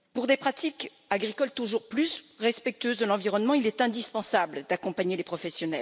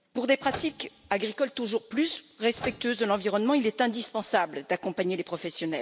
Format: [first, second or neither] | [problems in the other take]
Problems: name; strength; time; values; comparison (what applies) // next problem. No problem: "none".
first | background sound (Microwave oven); 14 dB below the speech